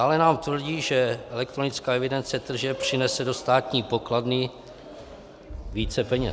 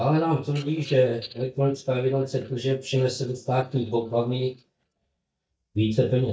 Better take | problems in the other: first | noise reduction (neural mask model DeepFilterNet 3)

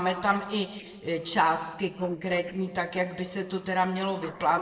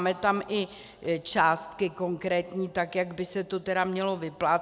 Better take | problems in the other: second | noise reduction (neural separator model SepFormer DNS4)

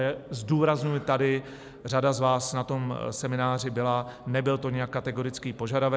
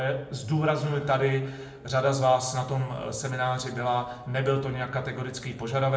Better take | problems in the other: first | room echo; dies away in 0.6 s

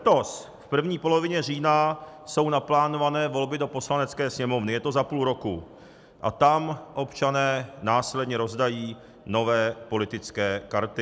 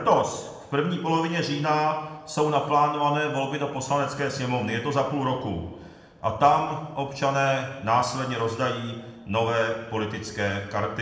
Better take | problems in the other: first | room echo; dies away in 0.9 s

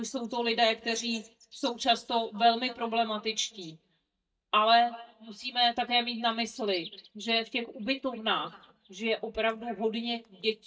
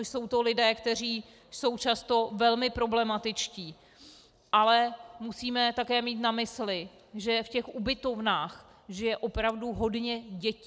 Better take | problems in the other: second | noise reduction (neural mask model DeepFilterNet 3)

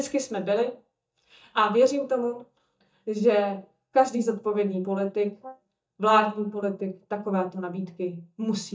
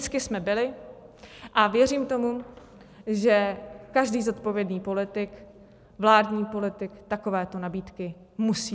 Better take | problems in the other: second | noise reduction (neural mask model DeepFilterNet 3)

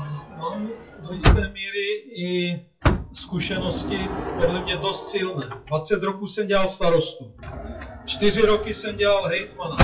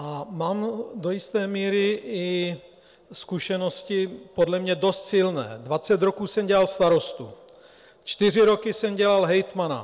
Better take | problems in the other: second | noise reduction (classical method WPE with log-MMSE)

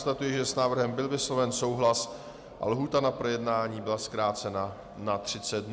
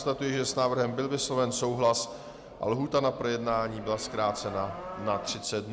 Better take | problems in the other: first | background sound (Livestock, farm animals, working animals); 12 dB below the speech

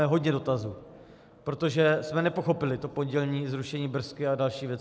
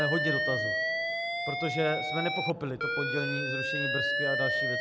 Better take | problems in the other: first | background sound (Alarm); 3 dB above the speech

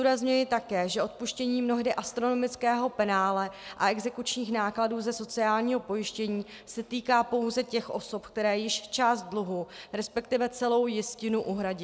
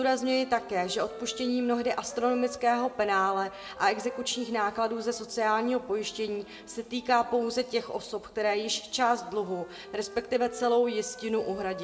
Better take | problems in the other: first | background sound (Wind instrument, woodwind instrument); 18 dB below the speech // room echo; dies away in 1.4 s

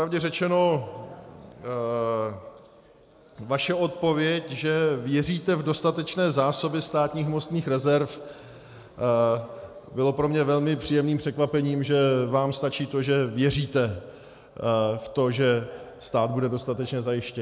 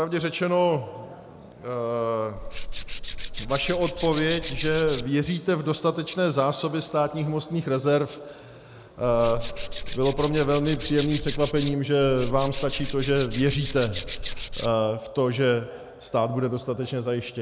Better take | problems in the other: first | background sound (Tools); 6 dB below the speech

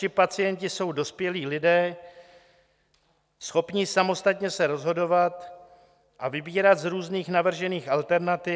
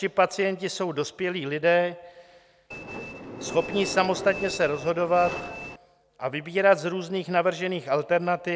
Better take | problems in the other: first | background sound (Train); 10 dB below the speech

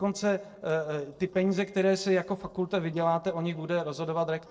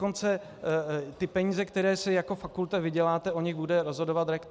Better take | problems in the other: second | noise reduction (neural separator model SepFormer DNS4)

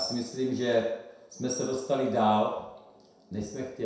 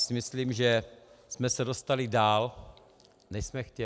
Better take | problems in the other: second | room echo; dies away in 0.7 s

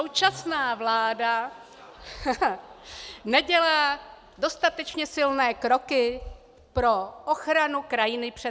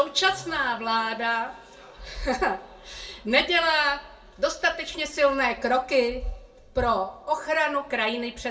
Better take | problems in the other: first | room echo; dies away in 0.3 s

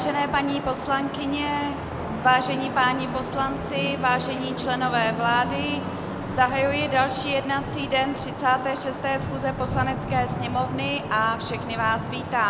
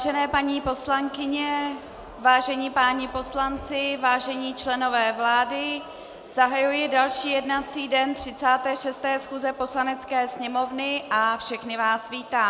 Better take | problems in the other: second | background sound (Traffic noise, roadway noise / Vehicle horn, car horn, honking); 6 dB below the speech

